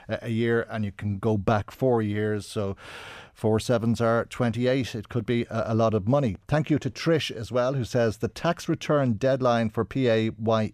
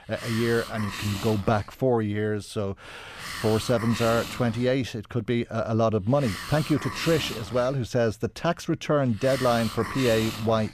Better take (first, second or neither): first